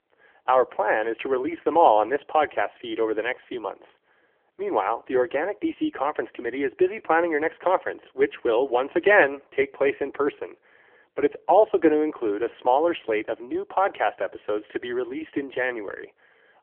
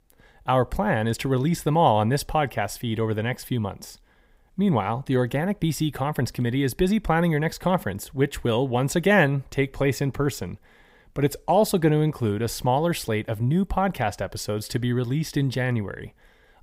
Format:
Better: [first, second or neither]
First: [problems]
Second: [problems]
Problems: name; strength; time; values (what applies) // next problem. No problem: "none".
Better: second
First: phone-call audio; poor line; nothing above 3.5 kHz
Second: none